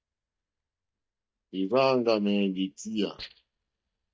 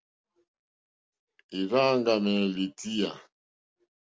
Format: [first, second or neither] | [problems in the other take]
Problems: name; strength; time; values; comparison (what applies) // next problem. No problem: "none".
second | noise reduction (neural mask model DeepFilterNet 3)